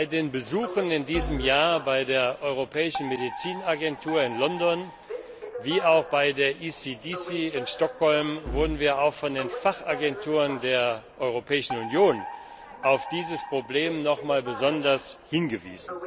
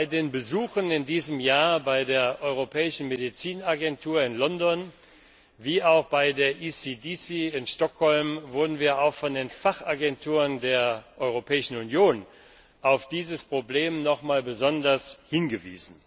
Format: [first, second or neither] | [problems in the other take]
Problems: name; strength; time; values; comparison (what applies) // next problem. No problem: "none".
second | background sound (Alarm + Musical instrument); 11 dB below the speech